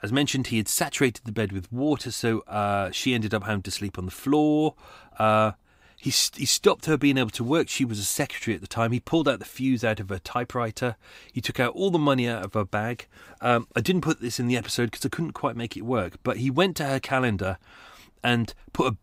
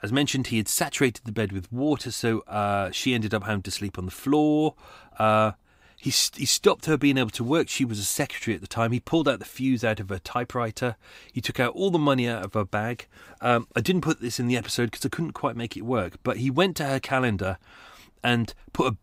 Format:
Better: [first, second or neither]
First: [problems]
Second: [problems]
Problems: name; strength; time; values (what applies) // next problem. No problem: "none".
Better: neither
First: none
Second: none